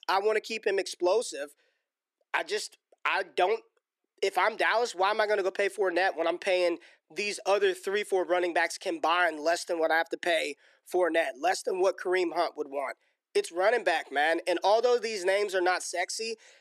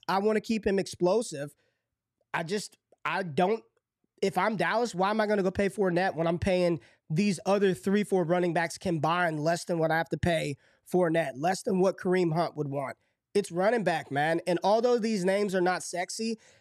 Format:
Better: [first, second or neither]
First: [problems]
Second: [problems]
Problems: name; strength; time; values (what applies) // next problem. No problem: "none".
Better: second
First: thin; very; fading below 350 Hz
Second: none